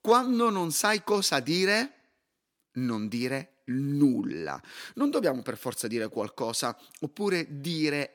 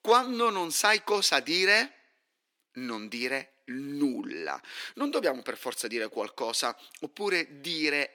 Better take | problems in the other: first | thin; somewhat; fading below 350 Hz

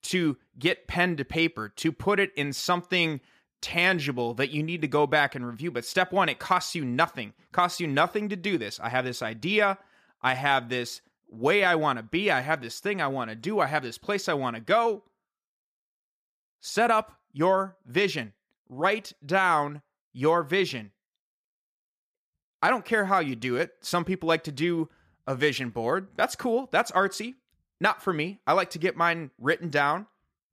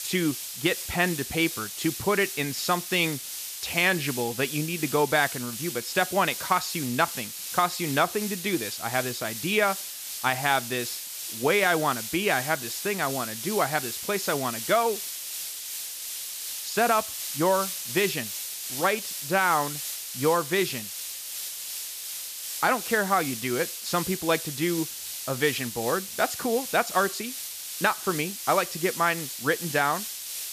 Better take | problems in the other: first | hiss; loud; throughout; 6 dB below the speech

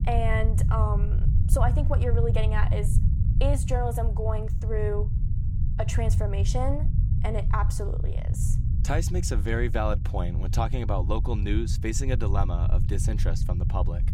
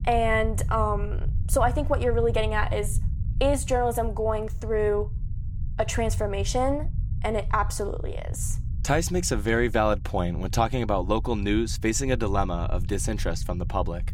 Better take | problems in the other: second | low rumble; loud; throughout; 9 dB below the speech; faint in the second

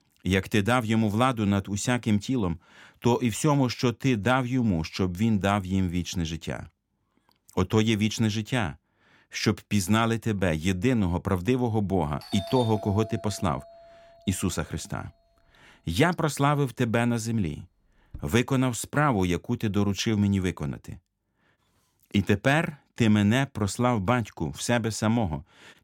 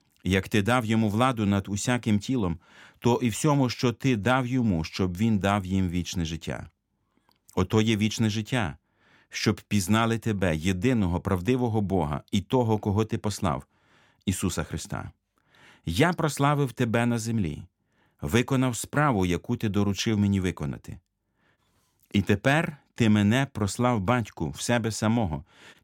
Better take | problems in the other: second | doorbell; faint; from 12 to 18 s; peak 10 dB below the speech

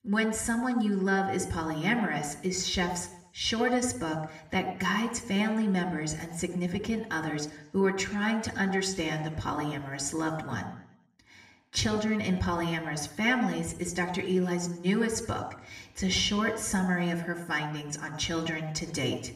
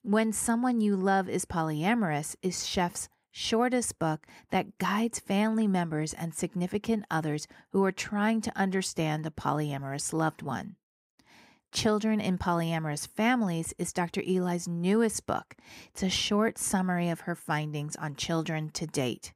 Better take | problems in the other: second | room echo; slight; dies away in 0.7 s // off-mic speech; somewhat distant

